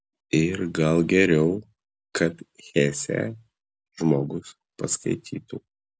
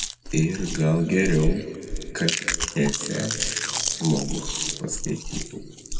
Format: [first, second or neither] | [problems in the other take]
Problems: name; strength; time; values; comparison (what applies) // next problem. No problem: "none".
first | background sound (Chewing, mastication); 3 dB below the speech // room echo; dies away in 2 s